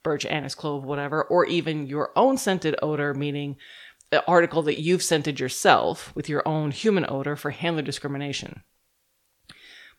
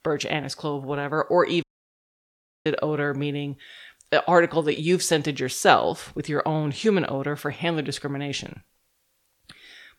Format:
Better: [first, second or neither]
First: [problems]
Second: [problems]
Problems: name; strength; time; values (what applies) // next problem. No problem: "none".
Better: first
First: none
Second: audio cutting out; at 1.5 s for 1 s